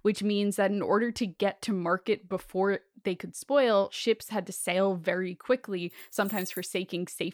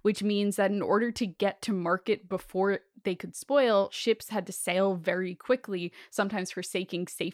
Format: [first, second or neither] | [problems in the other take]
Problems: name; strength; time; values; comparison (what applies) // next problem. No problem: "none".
second | jangling keys; noticeable; at 6 s; peak 9 dB below the speech